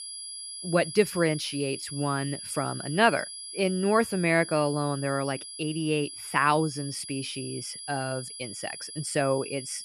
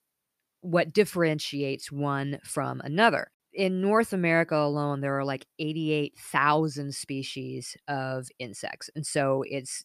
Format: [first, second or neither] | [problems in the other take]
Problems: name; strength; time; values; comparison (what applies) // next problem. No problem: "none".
second | high-pitched whine; loud; throughout; 10 kHz, 10 dB below the speech